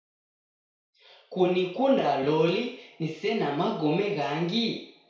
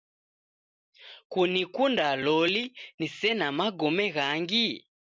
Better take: second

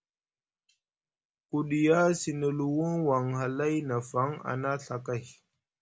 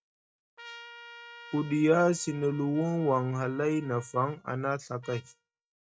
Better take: first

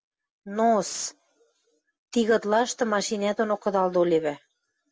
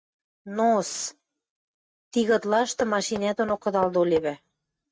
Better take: first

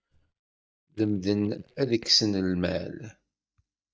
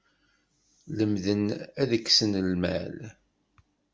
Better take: second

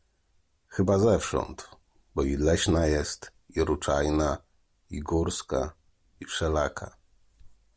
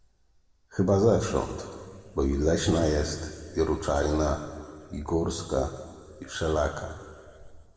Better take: first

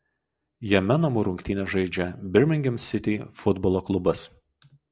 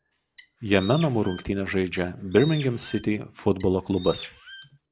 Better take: first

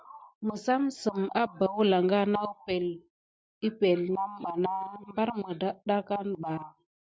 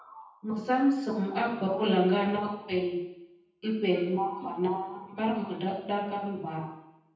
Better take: first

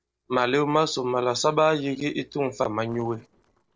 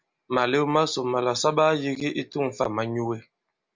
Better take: second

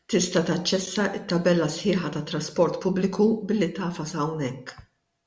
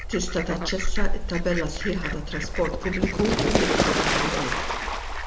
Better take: first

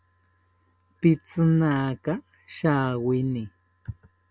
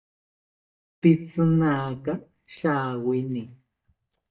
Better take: first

